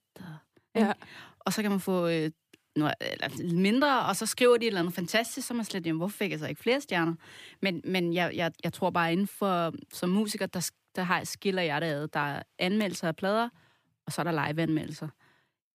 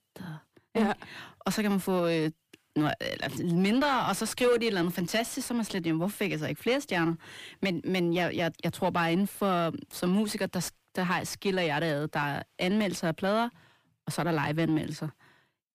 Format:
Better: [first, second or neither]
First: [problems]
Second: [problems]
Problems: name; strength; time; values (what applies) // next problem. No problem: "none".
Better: first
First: none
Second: distortion; slight; 10 dB below the speech